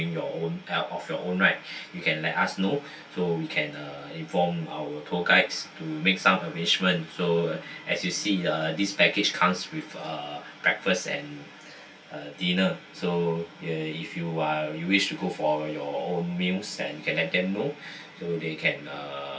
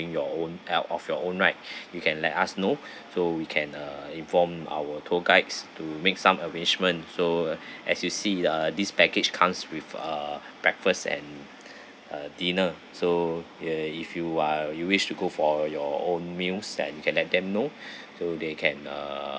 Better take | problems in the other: second | room echo; dies away in 0.2 s

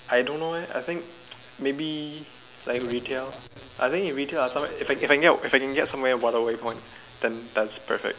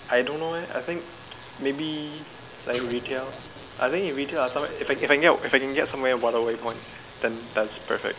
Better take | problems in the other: first | background sound (Stream); 18 dB below the speech

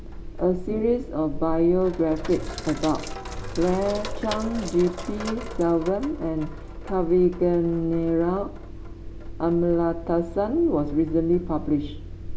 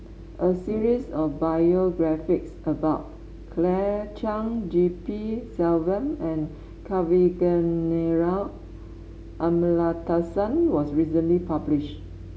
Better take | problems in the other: second | background sound (Sink (filling or washing)); 10 dB below the speech

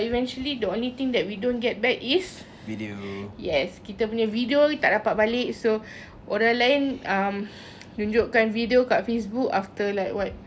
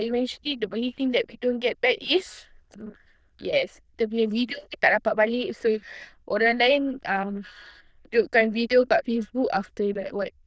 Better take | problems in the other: first | noise reduction (neural diffusion model UNIVERSE++)

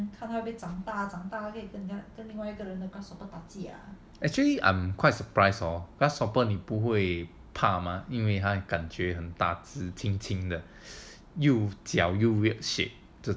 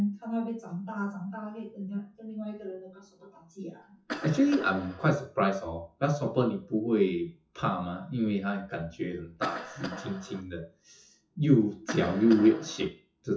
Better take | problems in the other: first | noise reduction (classical method WPE with log-MMSE)

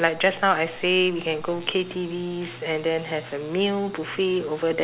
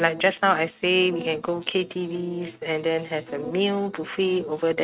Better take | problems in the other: first | noise reduction (neural mask model RNNoise)

